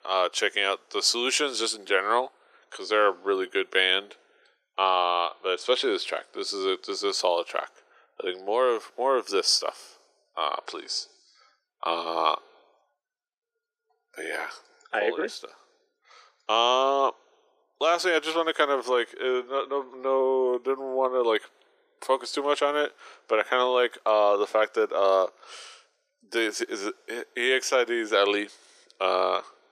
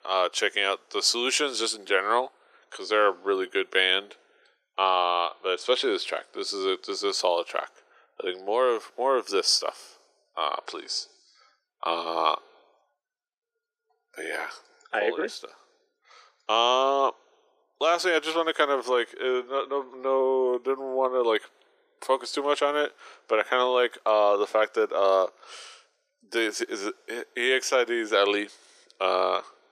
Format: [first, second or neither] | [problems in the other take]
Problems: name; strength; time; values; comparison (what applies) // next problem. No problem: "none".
neither | thin; very; fading below 350 Hz; the same in both